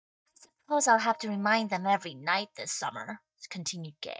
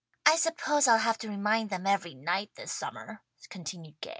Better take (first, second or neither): second